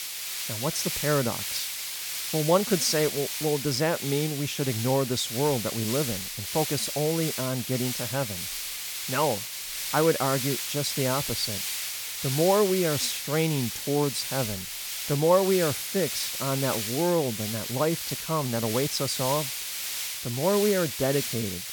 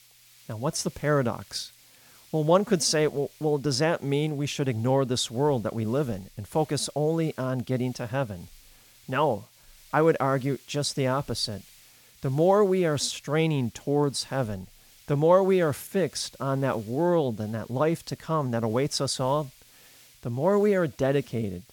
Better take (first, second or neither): second